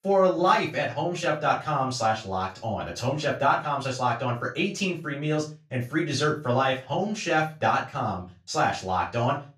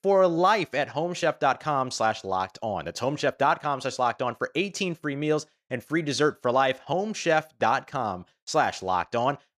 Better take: second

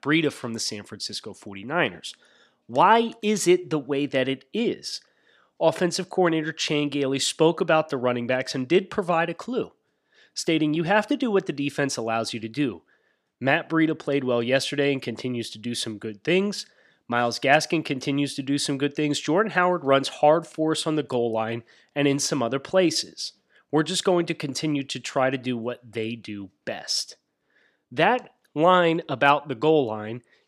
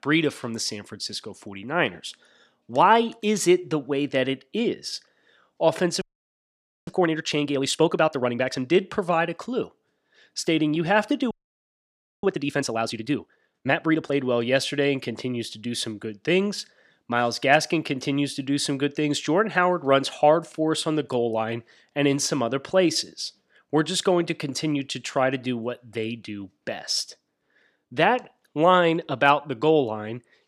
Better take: first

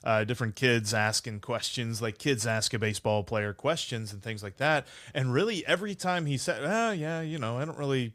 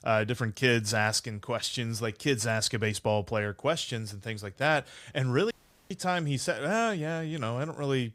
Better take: first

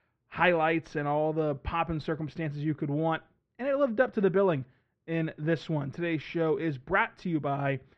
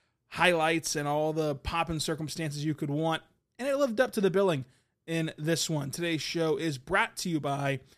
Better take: second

